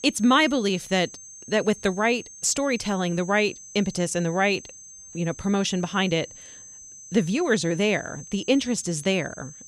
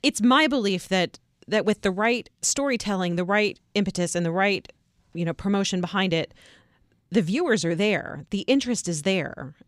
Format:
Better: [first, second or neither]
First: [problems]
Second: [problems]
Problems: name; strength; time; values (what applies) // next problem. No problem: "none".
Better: second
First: high-pitched whine; noticeable; throughout; 6.5 kHz, 15 dB below the speech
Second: none